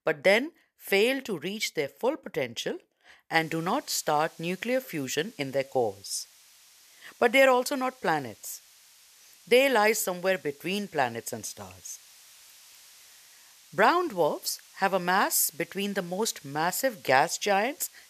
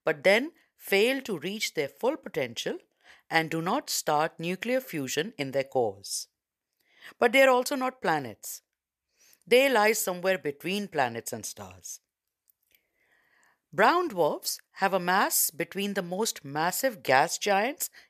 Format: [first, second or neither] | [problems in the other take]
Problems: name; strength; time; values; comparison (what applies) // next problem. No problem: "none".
second | hiss; faint; from 3.5 s on; 25 dB below the speech